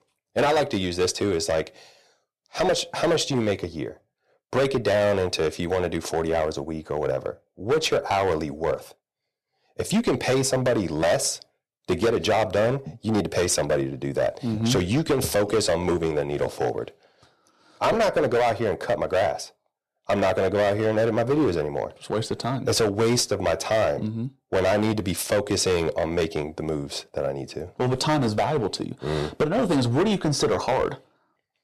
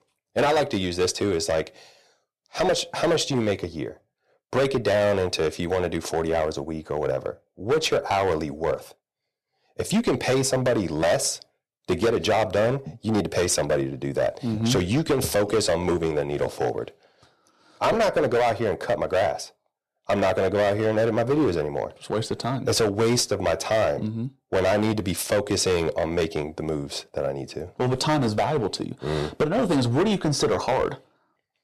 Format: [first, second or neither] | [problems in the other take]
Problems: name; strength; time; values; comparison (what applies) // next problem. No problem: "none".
neither | distortion; heavy; 10% of the sound clipped; the same in both